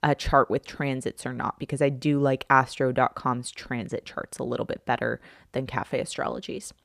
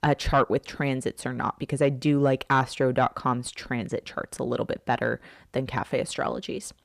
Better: first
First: none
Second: distortion; slight; 10 dB below the speech

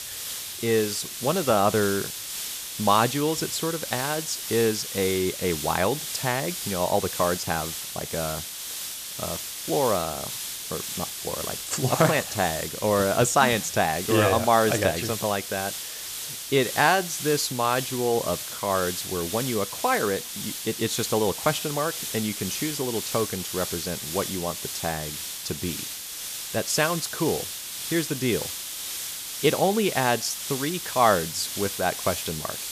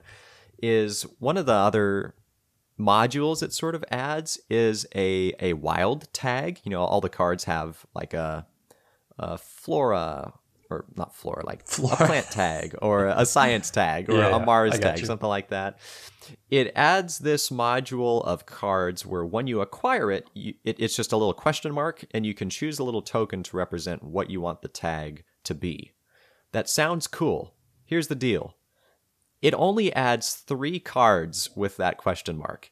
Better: second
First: hiss; loud; throughout; 5 dB below the speech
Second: none

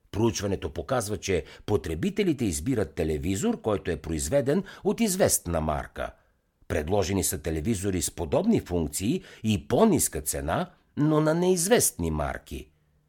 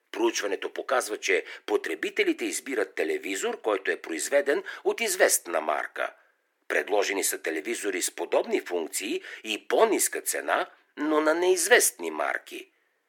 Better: first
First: none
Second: thin; very; fading below 350 Hz

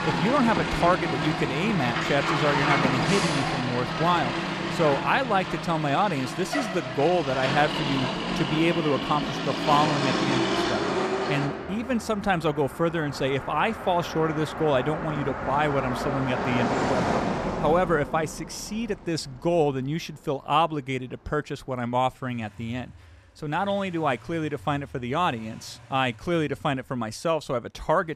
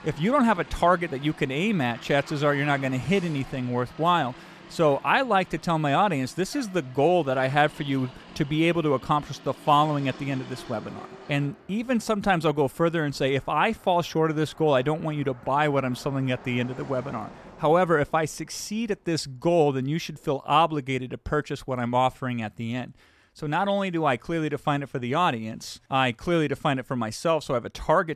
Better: second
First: traffic noise; loud; throughout; 1 dB below the speech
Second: traffic noise; faint; throughout; 20 dB below the speech

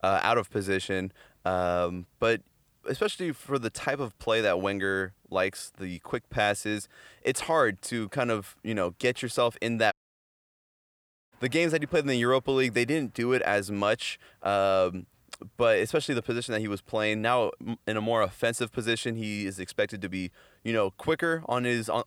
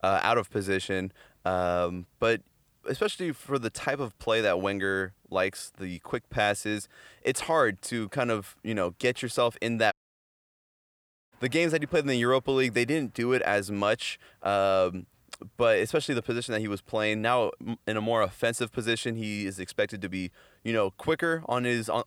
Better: neither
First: audio cutting out; at 10 s for 1.5 s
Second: audio cutting out; at 10 s for 1.5 s

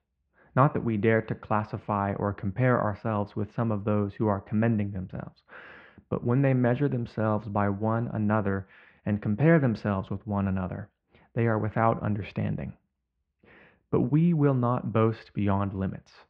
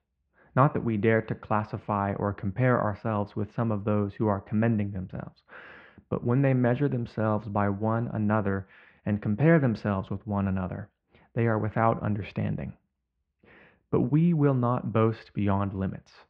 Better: neither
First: muffled; very; fading above 2.5 kHz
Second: muffled; very; fading above 2.5 kHz

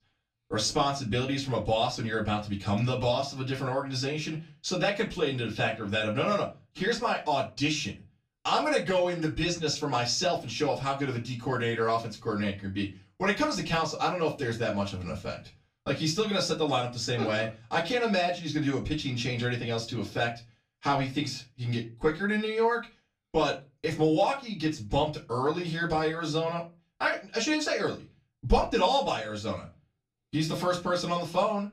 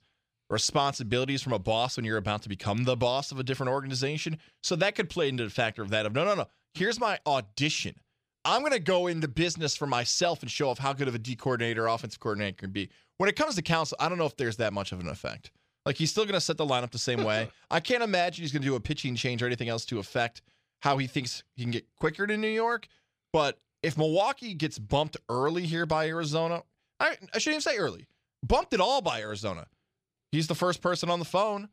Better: second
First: off-mic speech; far // room echo; very slight; dies away in 0.2 s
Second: none

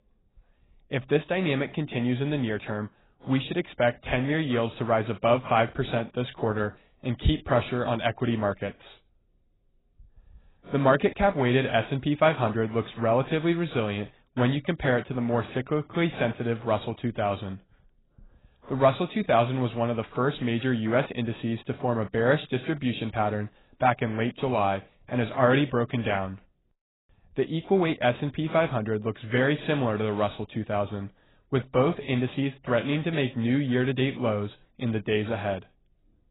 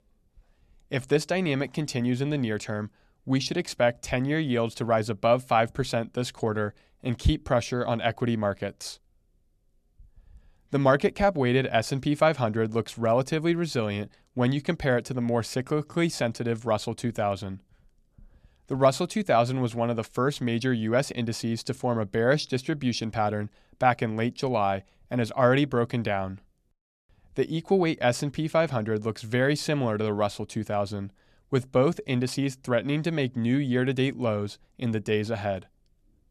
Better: second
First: garbled, watery; badly; nothing above 4 kHz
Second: none

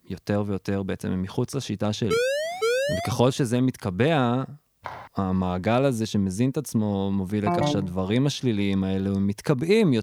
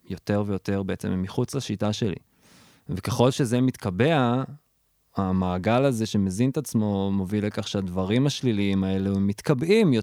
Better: second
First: siren; loud; from 2 to 3 s; peak 1 dB above the speech // footsteps; faint; at 5 s; peak 15 dB below the speech // phone ringing; loud; at 7.5 s; peak level with the speech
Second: none

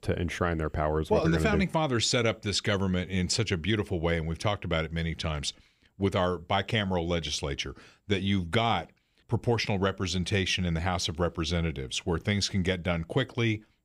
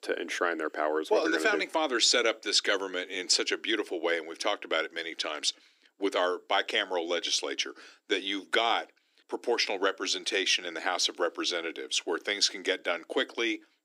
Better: first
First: none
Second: thin; very; fading below 300 Hz

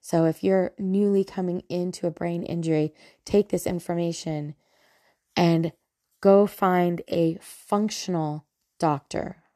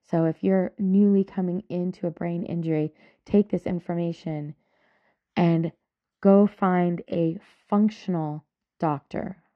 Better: first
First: none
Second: muffled; slightly; fading above 2.5 kHz

